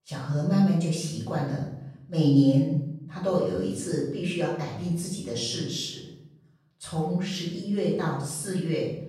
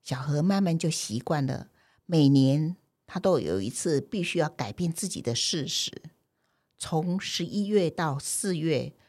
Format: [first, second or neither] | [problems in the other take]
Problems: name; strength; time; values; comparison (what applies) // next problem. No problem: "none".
second | off-mic speech; far // room echo; noticeable; dies away in 0.7 s